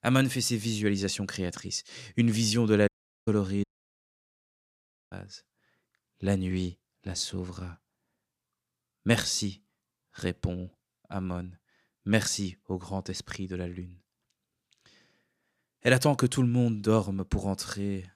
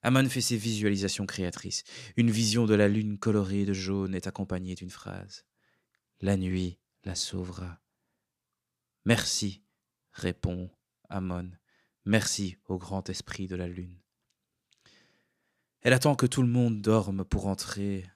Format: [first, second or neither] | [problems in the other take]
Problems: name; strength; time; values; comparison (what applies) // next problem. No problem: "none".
second | audio cutting out; at 3 s and at 3.5 s for 1.5 s